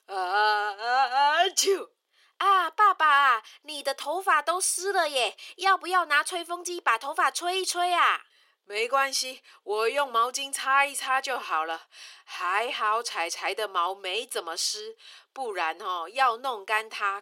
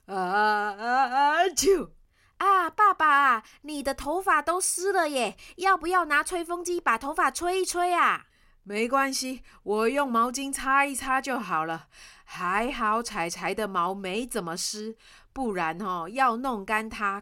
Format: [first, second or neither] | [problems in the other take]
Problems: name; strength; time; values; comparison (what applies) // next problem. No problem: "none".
second | thin; very; fading below 400 Hz